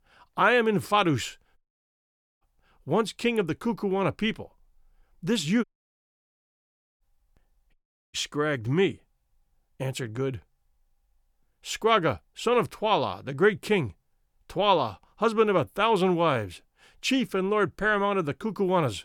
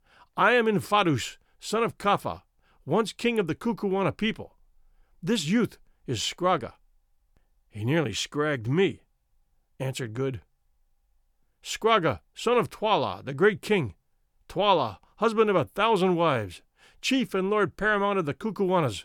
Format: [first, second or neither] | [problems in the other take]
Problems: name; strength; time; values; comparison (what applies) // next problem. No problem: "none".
second | audio cutting out; at 1.5 s for 1 s, at 5.5 s for 1.5 s and at 7.5 s